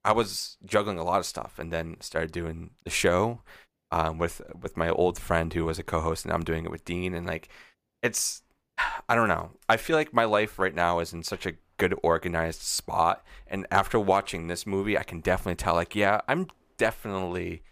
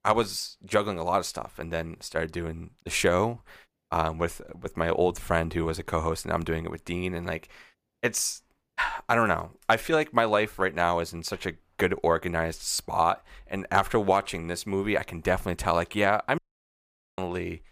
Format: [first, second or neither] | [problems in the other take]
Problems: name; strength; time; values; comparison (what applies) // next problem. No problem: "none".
first | audio cutting out; at 16 s for 1 s